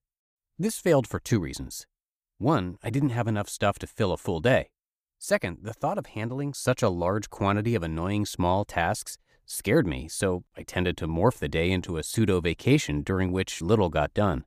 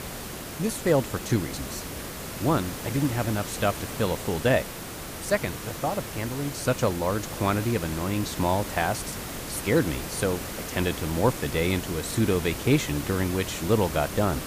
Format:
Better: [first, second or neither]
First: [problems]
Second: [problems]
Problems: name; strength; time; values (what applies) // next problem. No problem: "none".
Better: first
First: none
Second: hiss; loud; throughout; 7 dB below the speech